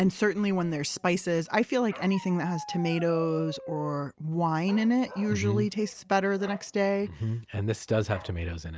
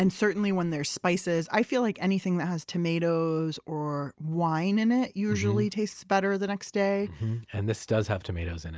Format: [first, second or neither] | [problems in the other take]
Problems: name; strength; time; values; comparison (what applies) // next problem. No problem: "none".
second | background sound (Bark); 18 dB below the speech